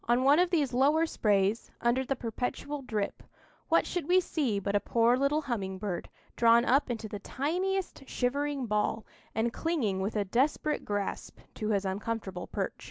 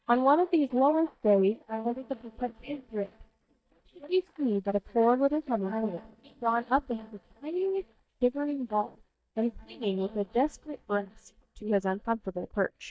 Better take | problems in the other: first | noise reduction (neural mask model DeepFilterNet 3)

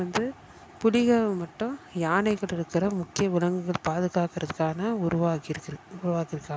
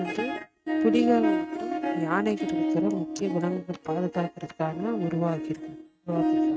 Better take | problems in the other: first | noise reduction (neural mask model RNNoise)

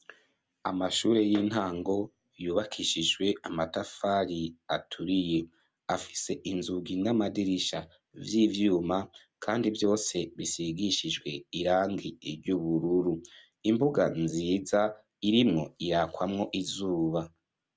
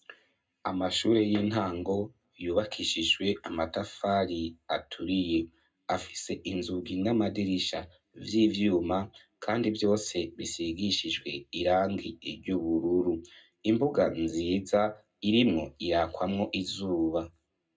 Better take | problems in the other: first | room echo; dies away in 0.2 s

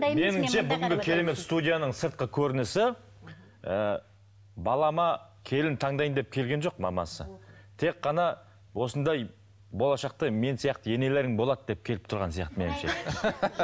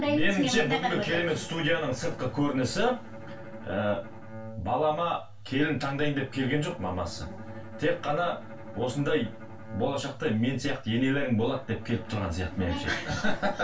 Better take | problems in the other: first | background sound (Bowed string instrument); 16 dB below the speech // room echo; dies away in 0.2 s

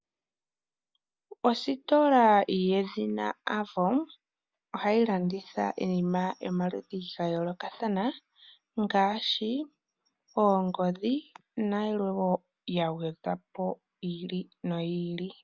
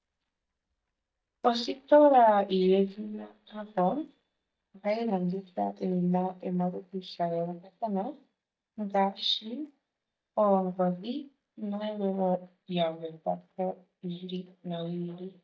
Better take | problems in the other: first | noise reduction (neural mask model DeepFilterNet 3)

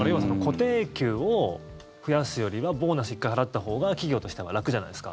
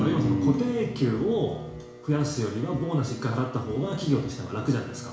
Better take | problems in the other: first | background sound (Bowed string instrument); 15 dB below the speech // room echo; dies away in 0.7 s

